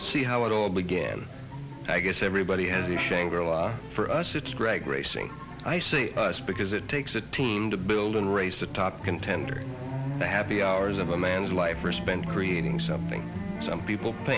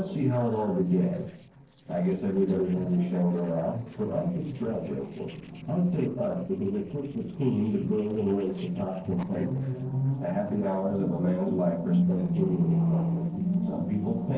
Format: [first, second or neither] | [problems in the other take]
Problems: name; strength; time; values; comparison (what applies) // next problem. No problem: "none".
first | noise reduction (neural separator model SepFormer DNS4)